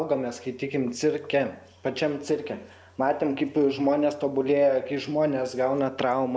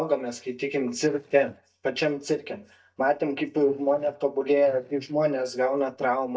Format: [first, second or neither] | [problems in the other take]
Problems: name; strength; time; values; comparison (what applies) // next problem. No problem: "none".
first | noise reduction (neural mask model DeepFilterNet 3)